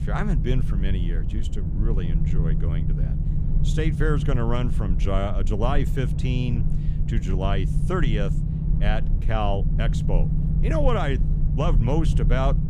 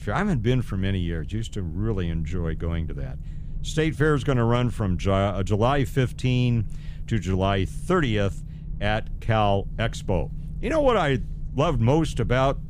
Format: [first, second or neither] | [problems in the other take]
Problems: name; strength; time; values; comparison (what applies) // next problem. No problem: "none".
second | low rumble; loud; throughout; 8 dB below the speech; faint in the second